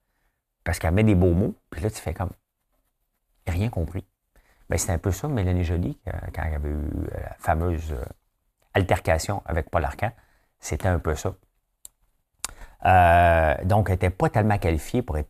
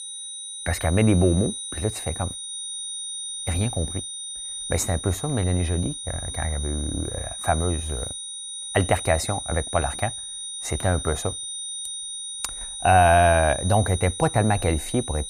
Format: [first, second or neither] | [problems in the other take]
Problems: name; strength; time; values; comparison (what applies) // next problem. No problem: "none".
first | high-pitched whine; loud; throughout; 9 kHz, 7 dB below the speech